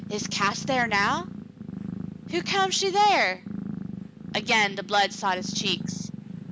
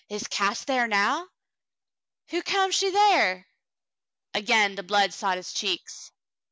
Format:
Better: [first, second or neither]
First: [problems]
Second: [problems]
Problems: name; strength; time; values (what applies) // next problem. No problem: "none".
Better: second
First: background sound (Purr); 9 dB below the speech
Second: none